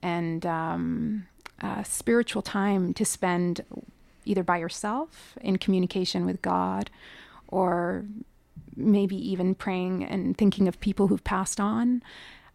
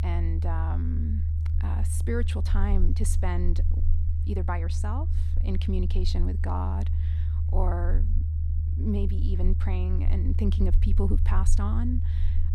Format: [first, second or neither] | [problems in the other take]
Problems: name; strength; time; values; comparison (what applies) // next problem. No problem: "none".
first | low rumble; loud; throughout; 7 dB below the speech